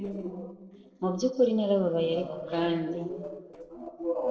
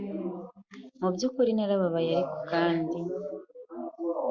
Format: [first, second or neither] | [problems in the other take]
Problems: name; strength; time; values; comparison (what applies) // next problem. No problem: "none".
second | noise reduction (neural separator model SepFormer DNS4)